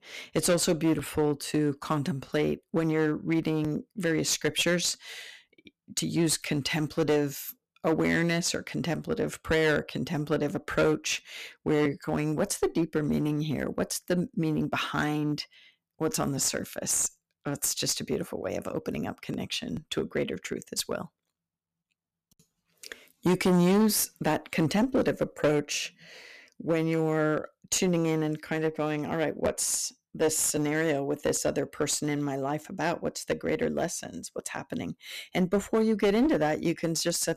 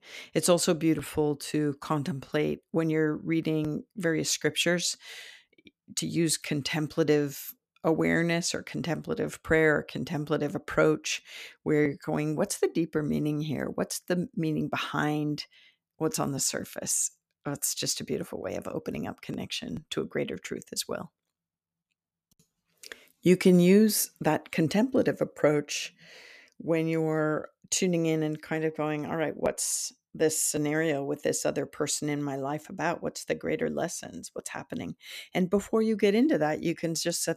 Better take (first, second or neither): second